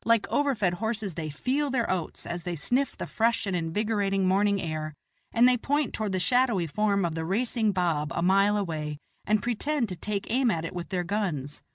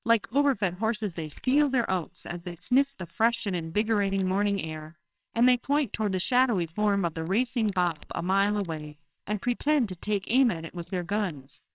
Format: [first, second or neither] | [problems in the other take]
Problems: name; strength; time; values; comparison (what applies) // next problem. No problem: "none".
first | noise reduction (neural separator model SepFormer WHAMR!)